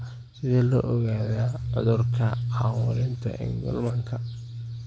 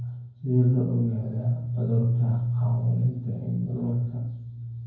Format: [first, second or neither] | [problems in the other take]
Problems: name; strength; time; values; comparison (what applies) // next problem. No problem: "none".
first | room echo; dies away in 0.9 s